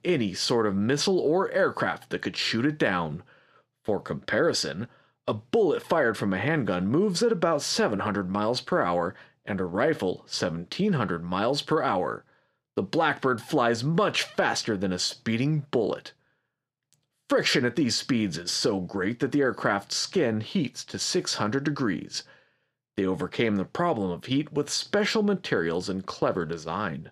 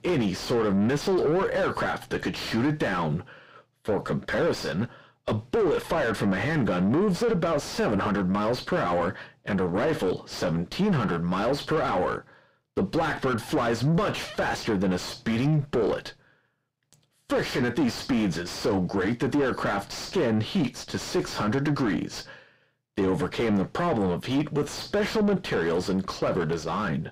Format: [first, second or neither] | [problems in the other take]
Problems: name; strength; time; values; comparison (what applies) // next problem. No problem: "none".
first | distortion; heavy; 5 dB below the speech